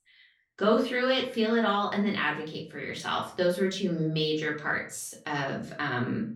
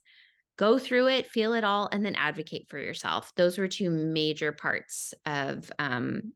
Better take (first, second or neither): second